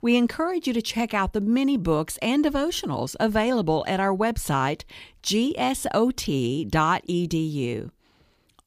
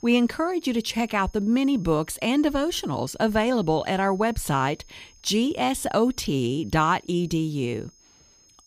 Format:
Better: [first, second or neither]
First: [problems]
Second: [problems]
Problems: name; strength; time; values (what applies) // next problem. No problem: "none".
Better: first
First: none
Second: high-pitched whine; faint; throughout; 6.5 kHz, 30 dB below the speech